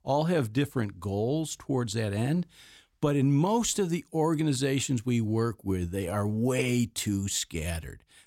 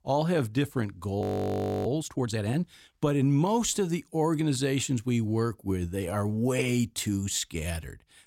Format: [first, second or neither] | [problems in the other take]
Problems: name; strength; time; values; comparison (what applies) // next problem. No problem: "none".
first | audio freezing; at 1 s for 0.5 s